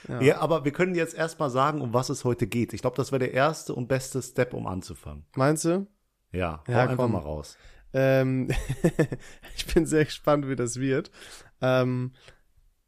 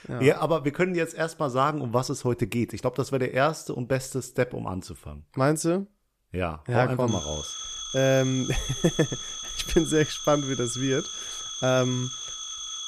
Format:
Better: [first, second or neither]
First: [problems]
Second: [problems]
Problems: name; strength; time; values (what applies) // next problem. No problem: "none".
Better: first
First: none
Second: phone ringing; noticeable; from 7 s on; peak 6 dB below the speech